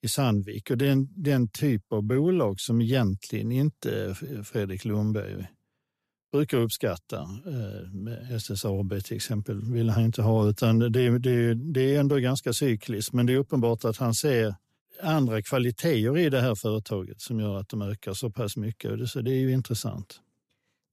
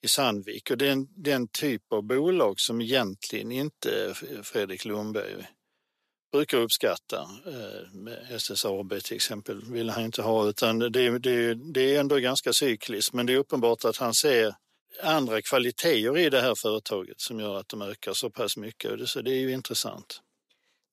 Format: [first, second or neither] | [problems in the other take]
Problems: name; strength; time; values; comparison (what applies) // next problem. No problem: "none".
first | thin; somewhat; fading below 400 Hz